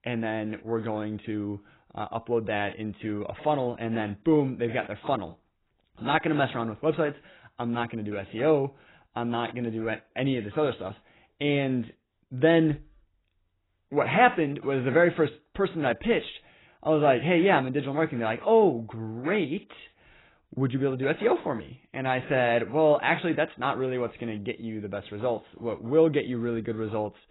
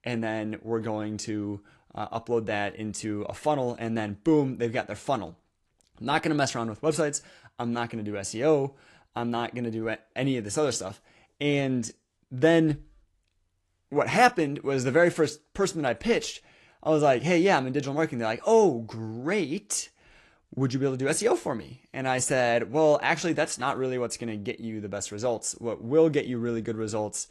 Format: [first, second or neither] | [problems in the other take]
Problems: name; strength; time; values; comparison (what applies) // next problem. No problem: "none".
second | garbled, watery; badly; nothing above 4 kHz; slightly in the second